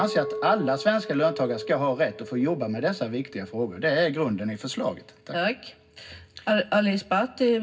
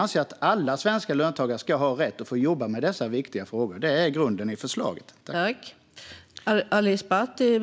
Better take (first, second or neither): second